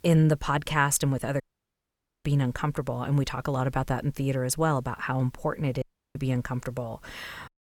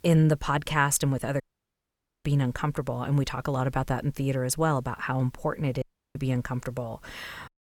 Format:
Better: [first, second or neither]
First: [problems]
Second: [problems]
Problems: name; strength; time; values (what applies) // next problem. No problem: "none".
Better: neither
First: audio cutting out; at 1.5 s for 1 s and at 6 s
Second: audio cutting out; at 1.5 s for 1 s and at 6 s